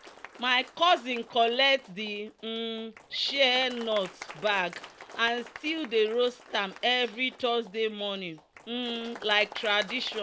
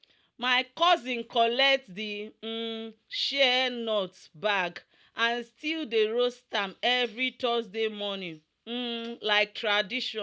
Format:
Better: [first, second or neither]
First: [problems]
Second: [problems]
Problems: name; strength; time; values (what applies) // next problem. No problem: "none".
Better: second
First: background sound (Applause); 18 dB below the speech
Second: none